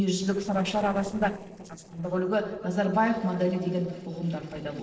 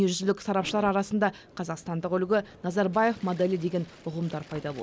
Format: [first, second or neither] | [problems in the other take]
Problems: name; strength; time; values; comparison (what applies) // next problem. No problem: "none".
second | noise reduction (neural separator model SepFormer DNS4)